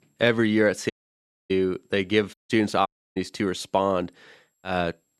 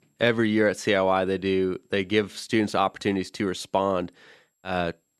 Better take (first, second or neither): second